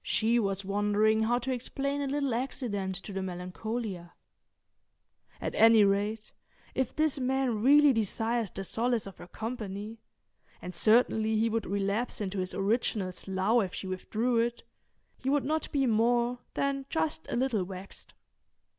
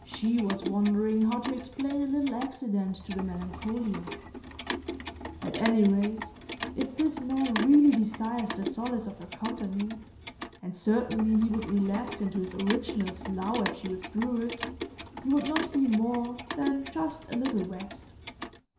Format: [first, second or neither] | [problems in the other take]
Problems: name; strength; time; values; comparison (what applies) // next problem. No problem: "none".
first | background sound (Clock); 10 dB below the speech // room echo; dies away in 0.7 s